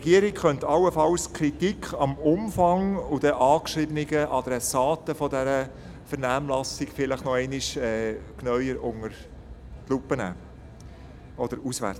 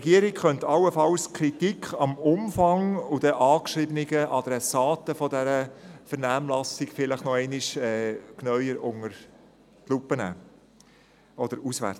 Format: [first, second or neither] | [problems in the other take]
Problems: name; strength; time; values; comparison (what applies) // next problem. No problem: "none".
second | background sound (Aircraft); 18 dB below the speech